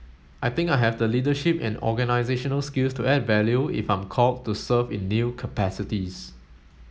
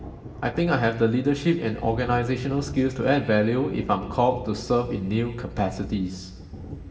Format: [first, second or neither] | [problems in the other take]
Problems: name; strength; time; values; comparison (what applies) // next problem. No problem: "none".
first | background sound (Thunder); 15 dB below the speech // room echo; dies away in 1.6 s